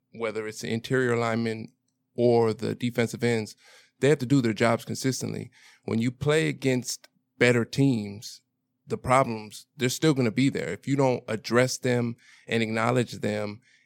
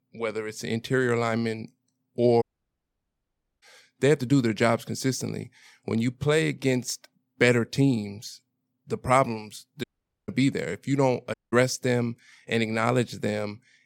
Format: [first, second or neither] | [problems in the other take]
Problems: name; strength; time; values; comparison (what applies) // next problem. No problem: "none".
first | audio cutting out; at 2.5 s for 1 s, at 10 s and at 11 s